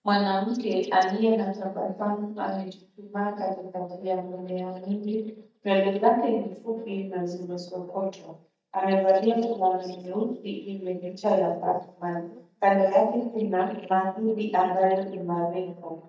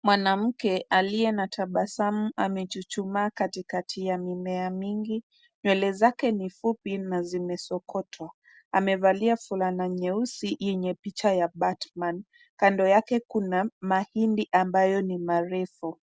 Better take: second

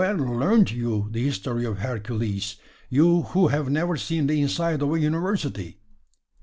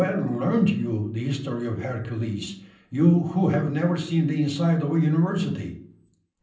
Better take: first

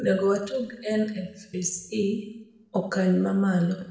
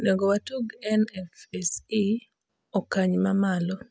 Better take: second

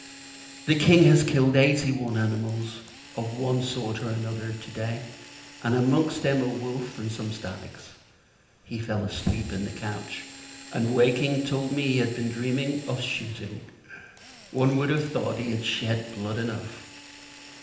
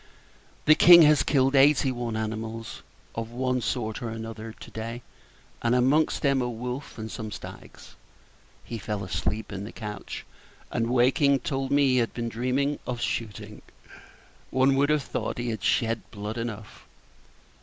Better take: second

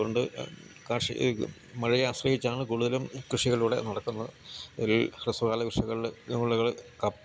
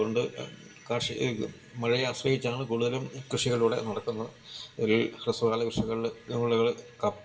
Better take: first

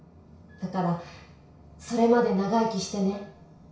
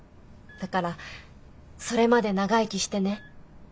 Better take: second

